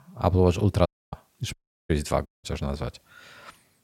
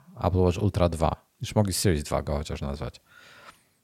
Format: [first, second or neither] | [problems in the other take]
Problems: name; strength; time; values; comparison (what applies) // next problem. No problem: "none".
second | audio cutting out; at 1 s, at 1.5 s and at 2.5 s